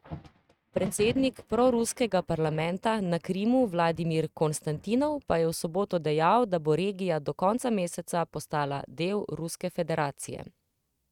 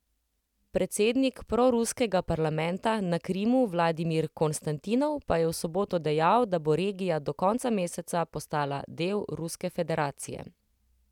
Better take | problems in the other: second | noise reduction (neural mask model RNNoise)

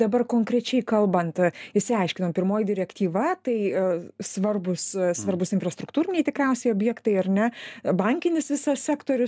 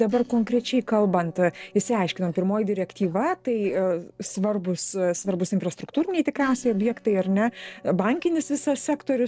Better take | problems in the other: first | noise reduction (neural separator model SepFormer DNS4)

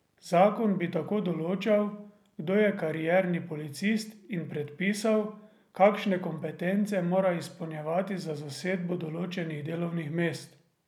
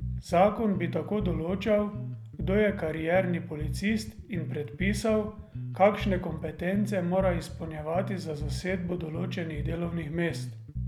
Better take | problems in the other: first | background sound (Bass guitar); 8 dB below the speech

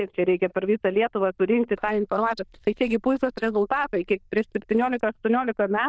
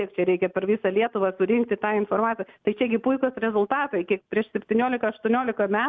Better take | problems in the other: second | noise reduction (neural diffusion model UNIVERSE++)

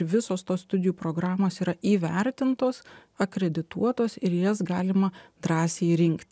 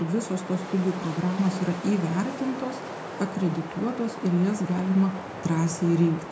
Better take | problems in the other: first | background sound (Wind); 10 dB below the speech // room echo; dies away in 0.3 s

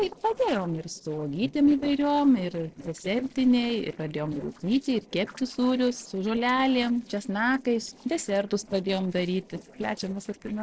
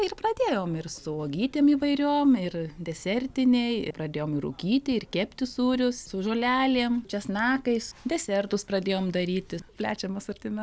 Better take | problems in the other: second | noise reduction (neural separator model SepFormer DNS4)

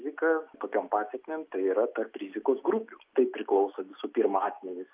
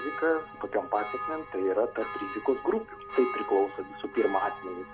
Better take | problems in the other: first | background sound (Church bell); 10 dB below the speech

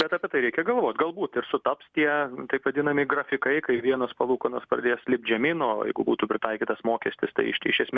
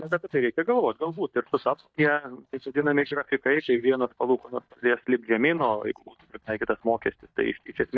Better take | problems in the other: first | noise reduction (neural mask model DeepFilterNet 3)

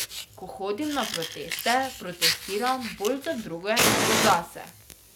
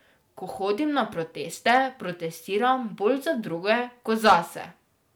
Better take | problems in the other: second | background sound (Fire); as loud as the speech

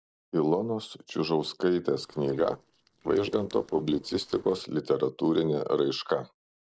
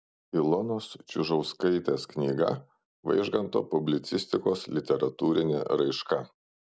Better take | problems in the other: second | noise reduction (neural separator model SepFormer DNS4)

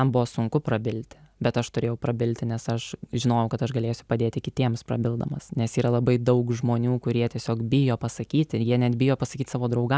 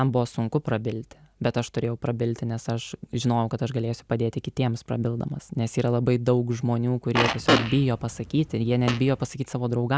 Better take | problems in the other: first | background sound (Fart); 2 dB below the speech

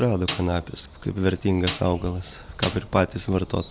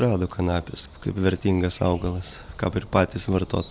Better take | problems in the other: second | background sound (Snare drum); 11 dB below the speech

